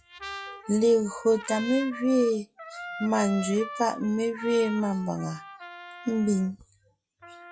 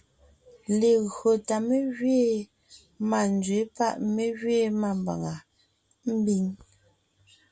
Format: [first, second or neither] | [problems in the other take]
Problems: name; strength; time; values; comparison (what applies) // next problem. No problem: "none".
second | noise reduction (classical method log-MMSE)